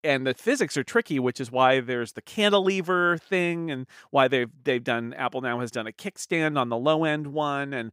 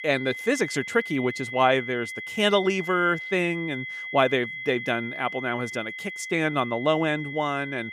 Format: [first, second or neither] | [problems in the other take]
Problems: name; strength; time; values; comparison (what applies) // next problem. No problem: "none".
first | high-pitched whine; loud; throughout; 2 kHz, 8 dB below the speech